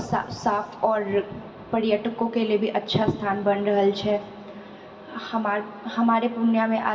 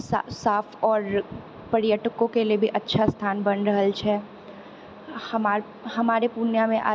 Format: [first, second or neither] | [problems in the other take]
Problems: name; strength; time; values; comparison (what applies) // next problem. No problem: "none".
second | room echo; dies away in 1.5 s